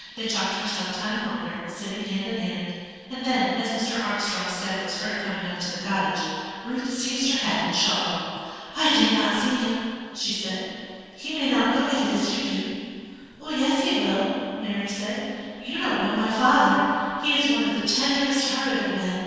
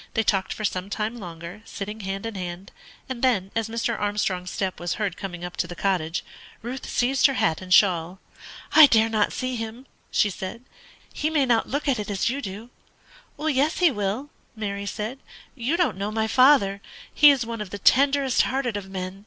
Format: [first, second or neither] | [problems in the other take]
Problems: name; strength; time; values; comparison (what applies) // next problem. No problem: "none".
second | noise reduction (neural separator model SepFormer DNS4)